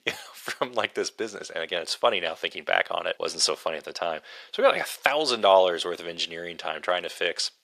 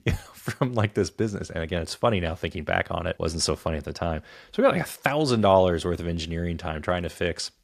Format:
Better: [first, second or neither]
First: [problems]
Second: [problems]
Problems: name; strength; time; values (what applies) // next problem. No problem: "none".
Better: second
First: thin; very; fading below 550 Hz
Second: none